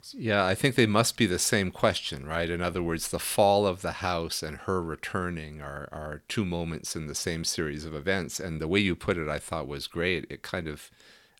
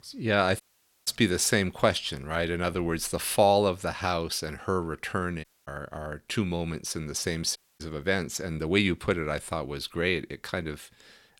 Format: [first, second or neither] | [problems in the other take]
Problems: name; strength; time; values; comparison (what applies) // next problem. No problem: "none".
first | audio cutting out; at 0.5 s, at 5.5 s and at 7.5 s